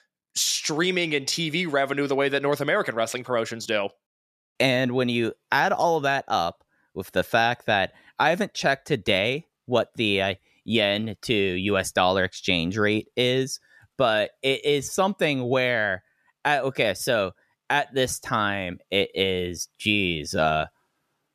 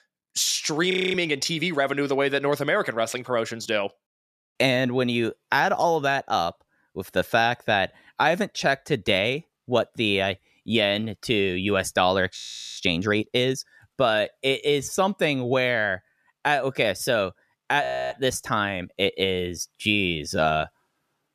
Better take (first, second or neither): first